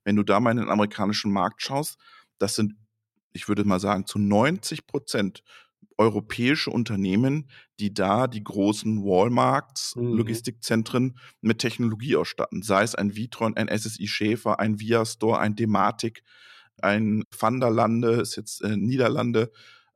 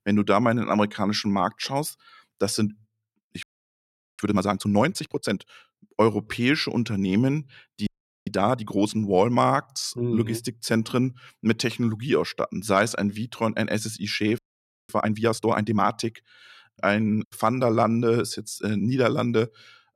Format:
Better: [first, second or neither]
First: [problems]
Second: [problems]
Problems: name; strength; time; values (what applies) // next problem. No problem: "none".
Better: first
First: none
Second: audio freezing; at 3.5 s for 1 s, at 8 s and at 14 s for 0.5 s